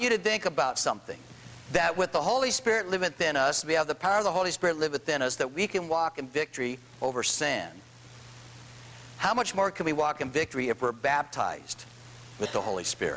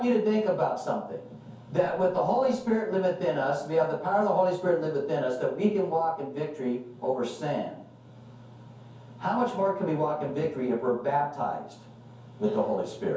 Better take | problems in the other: first | room echo; dies away in 0.6 s

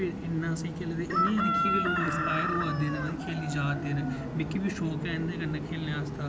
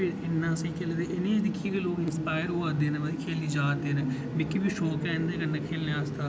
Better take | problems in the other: second | background sound (Chicken, rooster); 3 dB below the speech

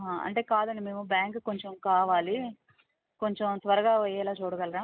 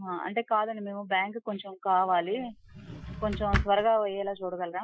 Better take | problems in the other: first | noise reduction (classical method Wiener filter)

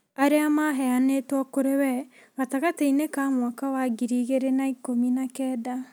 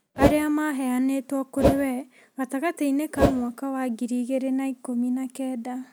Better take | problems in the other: first | background sound (Whoosh, swoosh, swish); 2 dB above the speech

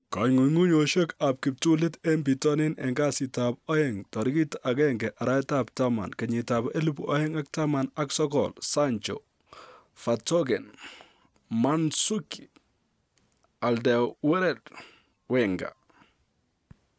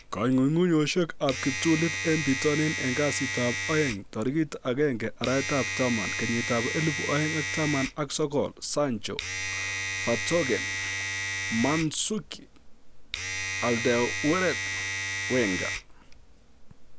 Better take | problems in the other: first | background sound (Domestic sounds, home sounds); 5 dB below the speech

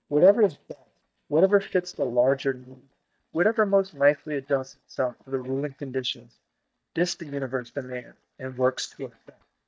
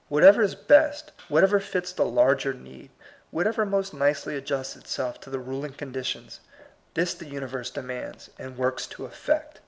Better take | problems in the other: second | noise reduction (neural mask model DeepFilterNet 3)

